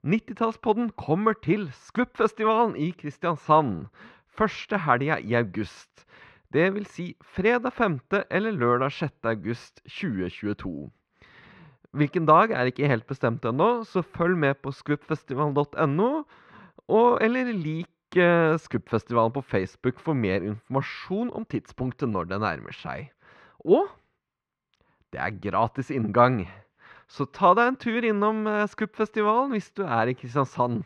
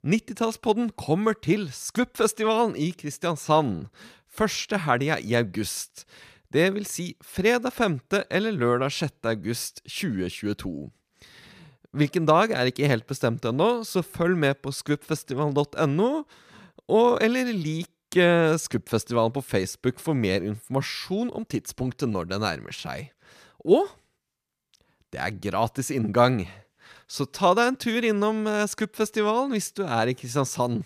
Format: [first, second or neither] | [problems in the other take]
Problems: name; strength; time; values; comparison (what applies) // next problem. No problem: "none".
second | muffled; very; fading above 2 kHz